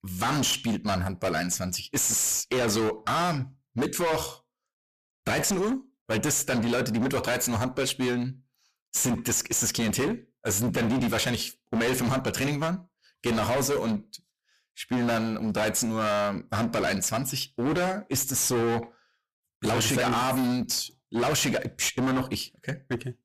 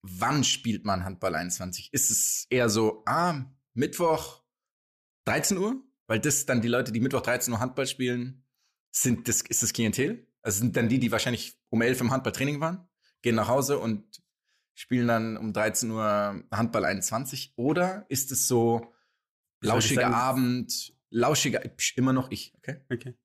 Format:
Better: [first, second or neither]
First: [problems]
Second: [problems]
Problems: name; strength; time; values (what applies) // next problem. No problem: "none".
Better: second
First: distortion; heavy; 24% of the sound clipped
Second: none